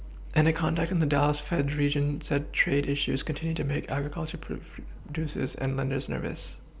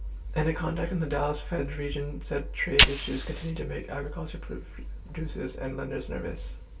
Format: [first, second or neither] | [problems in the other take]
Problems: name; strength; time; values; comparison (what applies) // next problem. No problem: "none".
first | background sound (Fire); 2 dB below the speech // room echo; dies away in 0.2 s